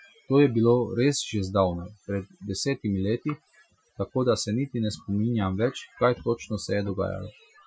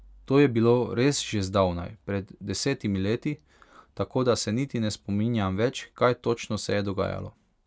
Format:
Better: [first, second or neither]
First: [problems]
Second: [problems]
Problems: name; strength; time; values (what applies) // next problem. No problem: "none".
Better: second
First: noise reduction (classical method Wiener filter)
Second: none